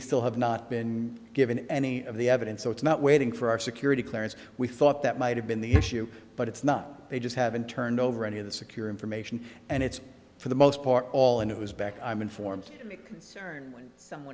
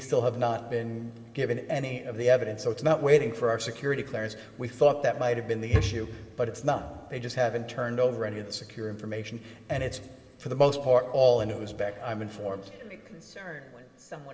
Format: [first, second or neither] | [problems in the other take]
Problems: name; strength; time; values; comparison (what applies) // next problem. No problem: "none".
first | room echo; dies away in 2.7 s